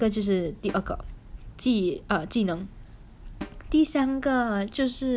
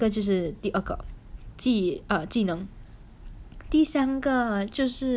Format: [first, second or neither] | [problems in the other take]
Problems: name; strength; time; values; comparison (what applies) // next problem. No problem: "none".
second | background sound (Snare drum); 19 dB below the speech